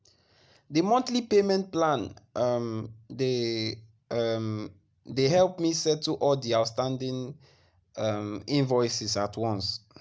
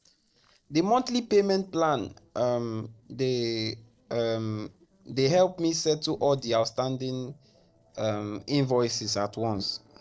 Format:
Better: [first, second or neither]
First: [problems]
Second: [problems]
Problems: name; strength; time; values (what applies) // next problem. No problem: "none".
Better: first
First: none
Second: noise reduction (neural separator model SepFormer DNS4)